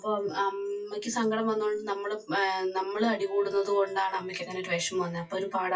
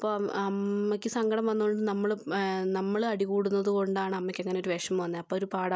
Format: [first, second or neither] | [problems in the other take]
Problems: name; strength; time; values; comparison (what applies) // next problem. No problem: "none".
second | noise reduction (classical method WPE with log-MMSE)